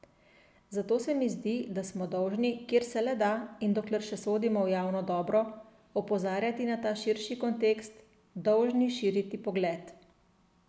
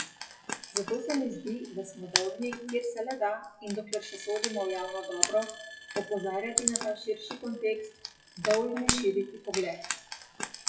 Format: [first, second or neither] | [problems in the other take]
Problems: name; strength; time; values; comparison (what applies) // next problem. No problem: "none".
first | noise reduction (classical method WPE with log-MMSE)